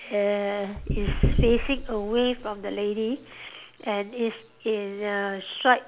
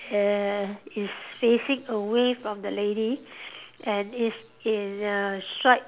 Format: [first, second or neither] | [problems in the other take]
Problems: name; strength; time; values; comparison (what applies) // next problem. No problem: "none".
second | background sound (Knock / Wood); 1 dB below the speech